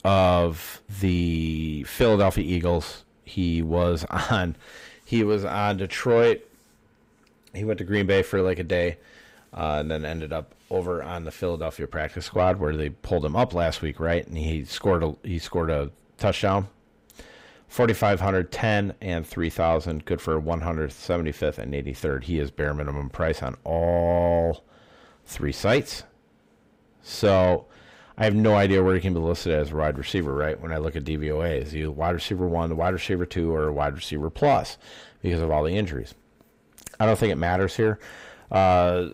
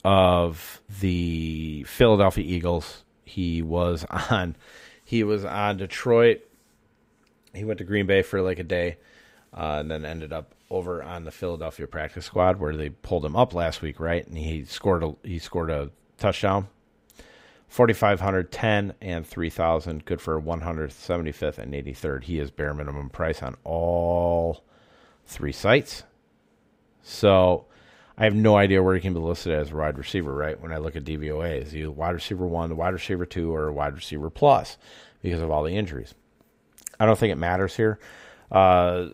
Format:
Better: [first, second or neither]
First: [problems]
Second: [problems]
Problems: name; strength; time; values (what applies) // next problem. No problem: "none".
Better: second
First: distortion; slight; 10 dB below the speech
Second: none